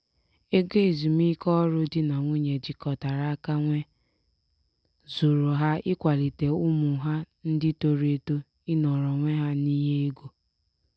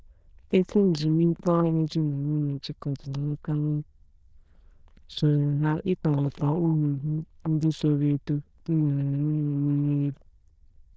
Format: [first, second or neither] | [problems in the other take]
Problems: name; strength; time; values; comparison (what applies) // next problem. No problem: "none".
first | noise reduction (neural diffusion model UNIVERSE++)